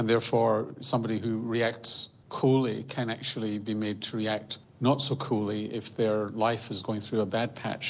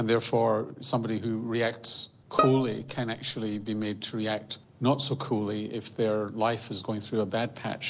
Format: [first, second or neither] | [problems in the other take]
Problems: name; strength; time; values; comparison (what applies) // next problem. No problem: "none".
first | background sound (Bowed string instrument); 3 dB below the speech